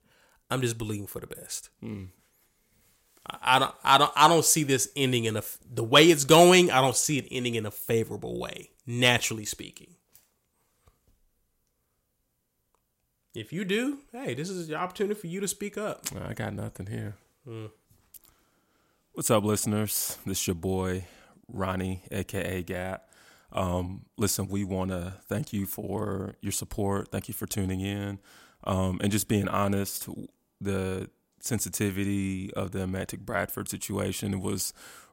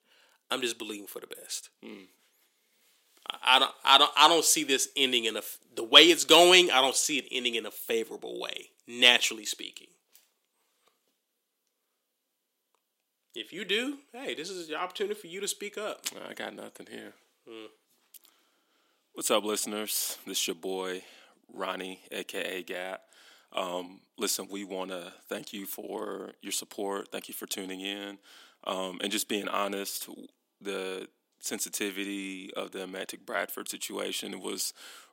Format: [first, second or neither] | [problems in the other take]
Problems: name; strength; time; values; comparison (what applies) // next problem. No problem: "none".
first | thin; somewhat; fading below 250 Hz